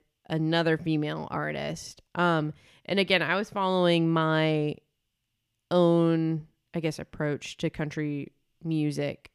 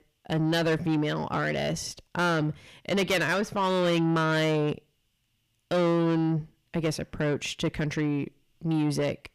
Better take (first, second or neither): first